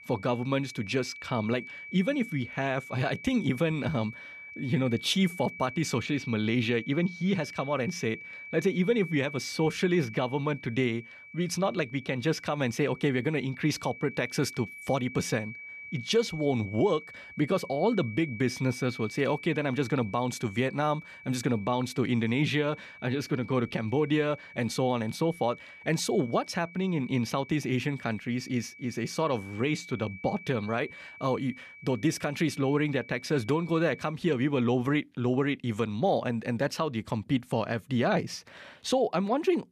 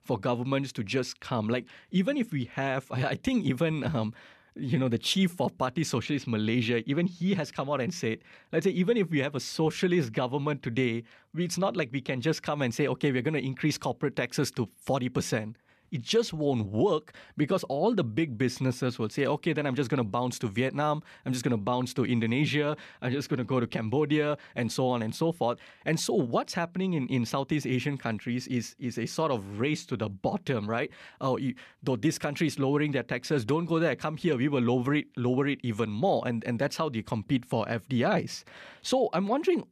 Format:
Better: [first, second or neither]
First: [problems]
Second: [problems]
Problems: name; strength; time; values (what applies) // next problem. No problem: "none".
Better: second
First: high-pitched whine; noticeable; until 34 s; 2.5 kHz, 15 dB below the speech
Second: none